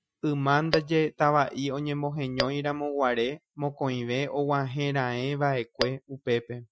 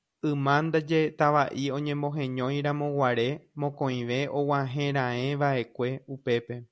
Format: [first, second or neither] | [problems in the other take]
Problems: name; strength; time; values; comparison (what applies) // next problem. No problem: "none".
second | noise reduction (classical method Wiener filter)